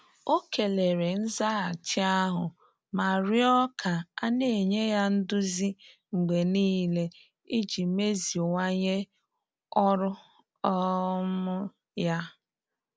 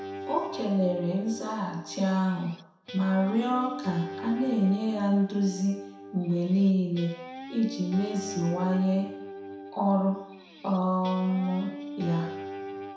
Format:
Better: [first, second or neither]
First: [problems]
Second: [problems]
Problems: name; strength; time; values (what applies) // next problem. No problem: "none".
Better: first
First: none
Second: background sound (Guitar); 12 dB below the speech // room echo; dies away in 0.7 s